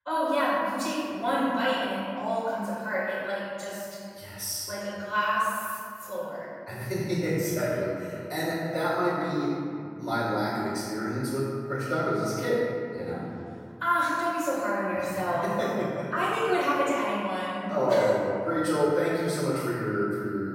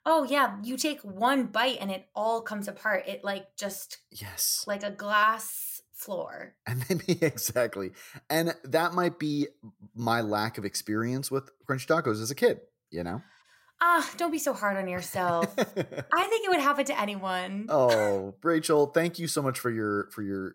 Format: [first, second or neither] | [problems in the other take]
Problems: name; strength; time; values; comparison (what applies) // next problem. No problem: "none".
second | off-mic speech; far // room echo; strong; dies away in 2.4 s